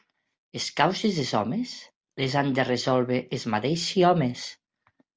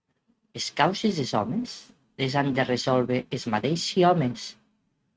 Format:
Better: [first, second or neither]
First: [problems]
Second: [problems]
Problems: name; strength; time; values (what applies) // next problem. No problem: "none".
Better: first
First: none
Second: noise reduction (neural mask model RNNoise)